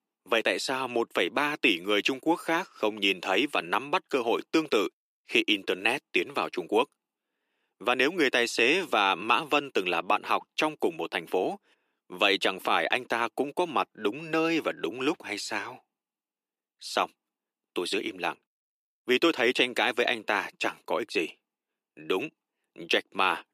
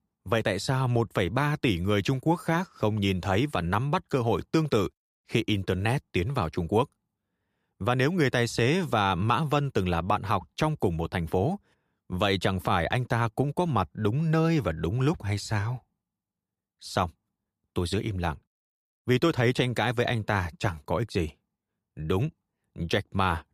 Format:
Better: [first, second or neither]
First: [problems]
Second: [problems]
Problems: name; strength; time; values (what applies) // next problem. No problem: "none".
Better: second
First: thin; somewhat; fading below 300 Hz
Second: none